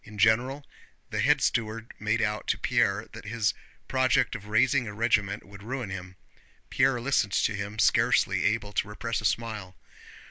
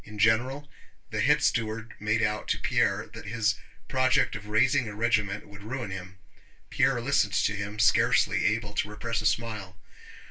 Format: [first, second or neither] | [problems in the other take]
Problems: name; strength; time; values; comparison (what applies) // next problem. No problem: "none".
first | room echo; dies away in 0.2 s